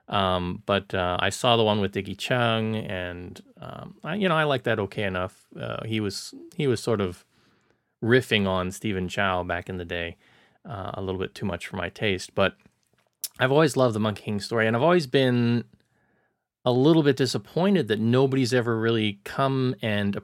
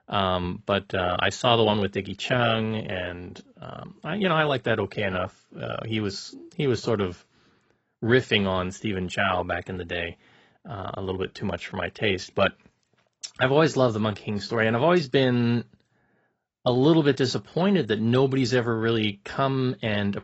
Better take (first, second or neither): first